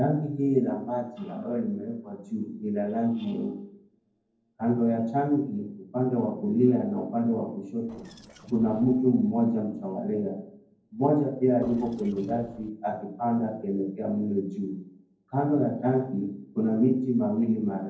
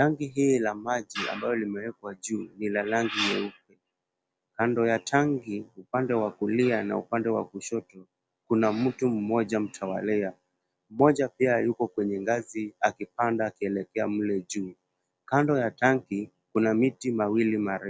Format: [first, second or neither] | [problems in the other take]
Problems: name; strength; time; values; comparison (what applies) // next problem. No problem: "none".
second | noise reduction (neural separator model SepFormer DNS4)